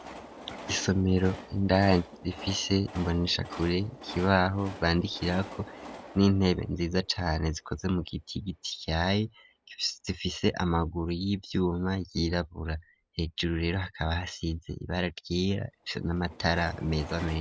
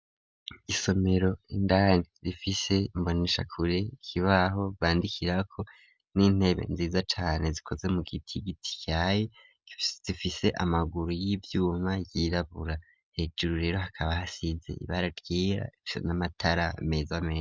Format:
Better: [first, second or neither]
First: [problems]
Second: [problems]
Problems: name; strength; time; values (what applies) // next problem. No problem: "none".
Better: second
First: background sound (Train); 18 dB below the speech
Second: none